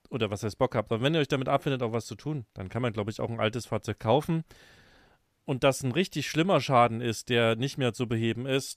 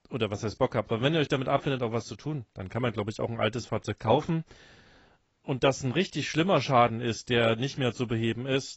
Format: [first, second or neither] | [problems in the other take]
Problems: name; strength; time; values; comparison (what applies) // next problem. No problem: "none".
first | garbled, watery; badly; nothing above 7.5 kHz